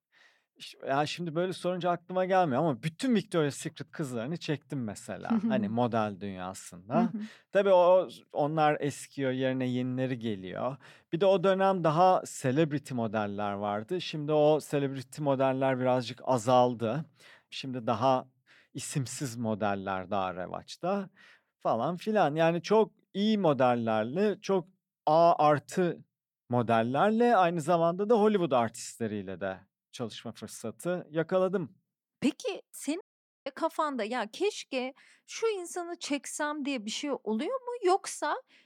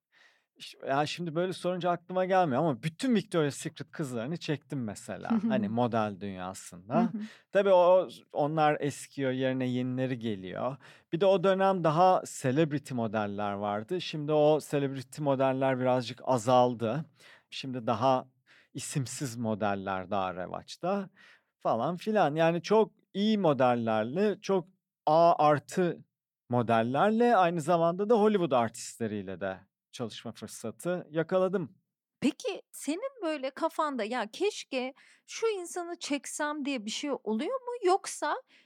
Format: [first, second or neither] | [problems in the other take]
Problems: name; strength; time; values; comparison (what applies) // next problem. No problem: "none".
second | audio cutting out; at 33 s